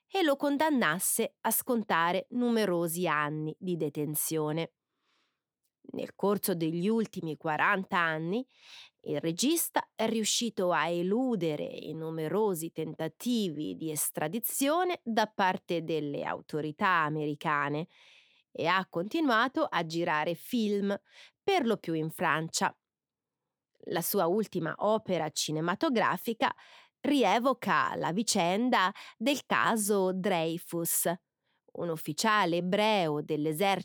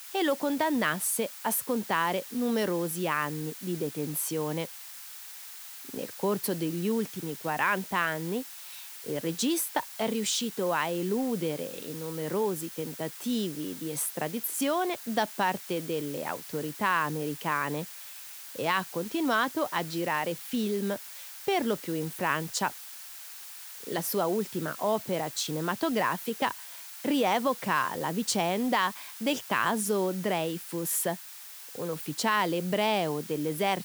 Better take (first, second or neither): first